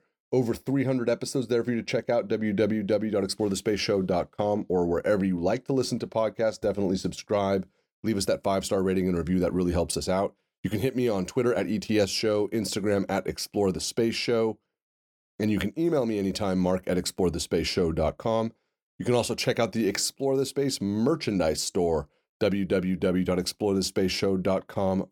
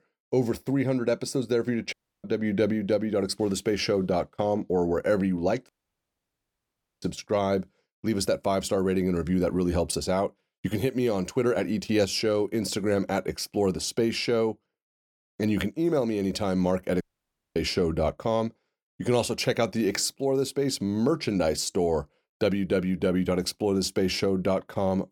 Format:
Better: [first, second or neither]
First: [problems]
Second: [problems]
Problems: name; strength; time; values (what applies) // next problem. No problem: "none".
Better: first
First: none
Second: audio cutting out; at 2 s, at 5.5 s for 1.5 s and at 17 s for 0.5 s